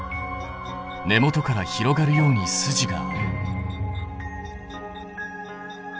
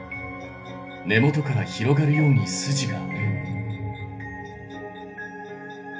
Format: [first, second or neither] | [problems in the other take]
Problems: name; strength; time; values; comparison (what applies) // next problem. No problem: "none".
first | room echo; dies away in 0.3 s